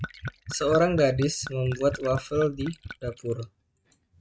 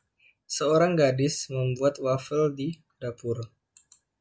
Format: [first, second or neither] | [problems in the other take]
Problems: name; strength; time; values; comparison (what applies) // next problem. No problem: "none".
second | noise reduction (neural mask model RNNoise)